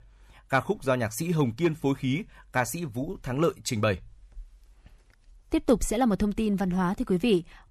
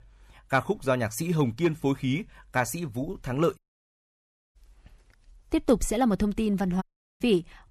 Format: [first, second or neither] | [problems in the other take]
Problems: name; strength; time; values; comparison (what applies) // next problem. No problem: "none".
first | audio cutting out; at 3.5 s for 1 s and at 7 s